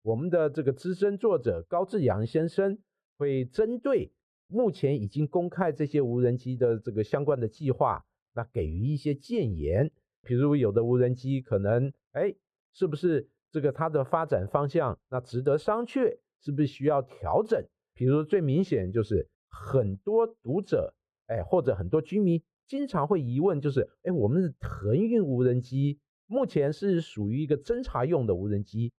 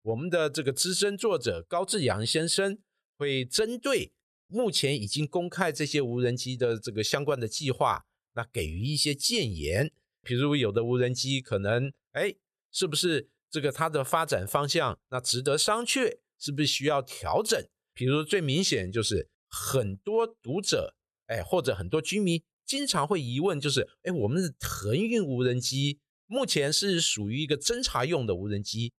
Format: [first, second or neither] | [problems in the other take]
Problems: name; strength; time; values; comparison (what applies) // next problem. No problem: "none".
second | muffled; very; fading above 2.5 kHz